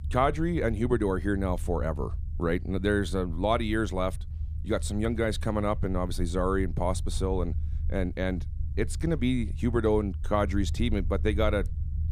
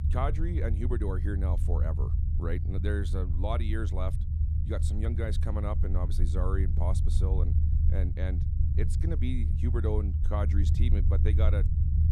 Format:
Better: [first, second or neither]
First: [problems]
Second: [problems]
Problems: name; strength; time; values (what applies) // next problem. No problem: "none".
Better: first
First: low rumble; faint; throughout; 20 dB below the speech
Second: low rumble; loud; throughout; 6 dB below the speech